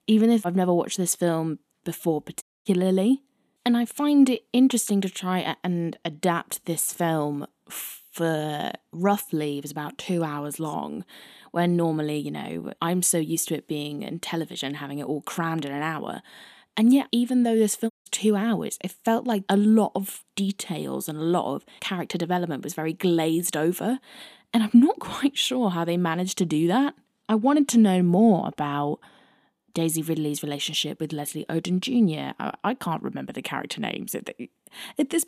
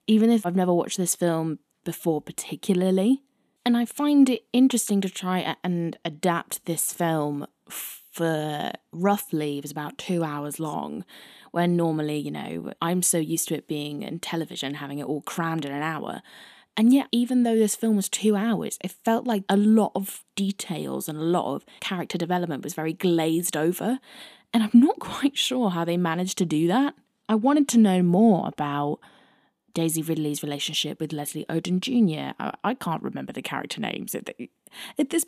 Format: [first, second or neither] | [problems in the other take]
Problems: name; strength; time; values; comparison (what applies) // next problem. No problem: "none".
second | audio cutting out; at 2.5 s and at 18 s